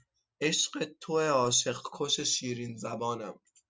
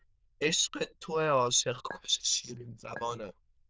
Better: first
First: none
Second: noise reduction (neural diffusion model UNIVERSE++)

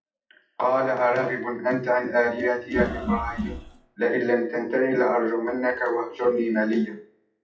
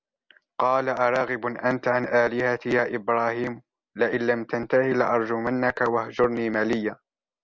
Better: second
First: noise reduction (classical method WPE with log-MMSE)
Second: none

